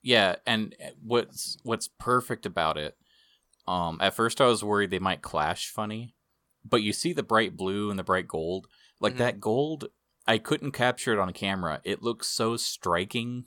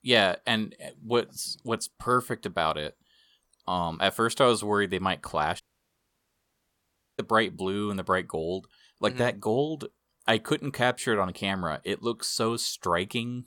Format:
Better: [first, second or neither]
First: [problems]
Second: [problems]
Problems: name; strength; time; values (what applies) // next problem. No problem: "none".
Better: first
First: none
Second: audio cutting out; at 5.5 s for 1.5 s